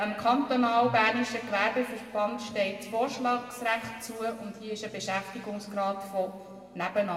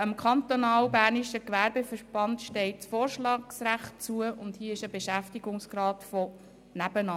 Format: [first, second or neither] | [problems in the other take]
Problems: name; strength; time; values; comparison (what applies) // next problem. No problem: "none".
second | room echo; dies away in 1.9 s